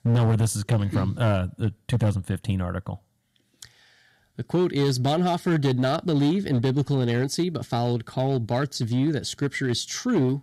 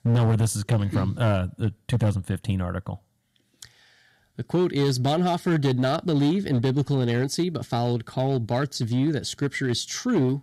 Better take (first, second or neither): neither